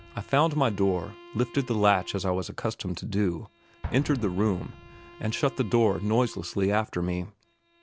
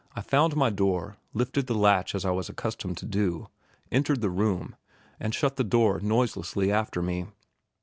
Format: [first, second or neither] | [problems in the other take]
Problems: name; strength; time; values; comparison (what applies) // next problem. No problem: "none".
second | background sound (Explosion + Bowed string instrument); 18 dB below the speech